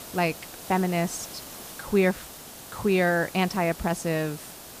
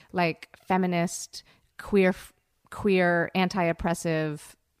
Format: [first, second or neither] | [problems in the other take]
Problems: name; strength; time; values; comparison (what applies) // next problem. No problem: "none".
second | hiss; noticeable; throughout; 15 dB below the speech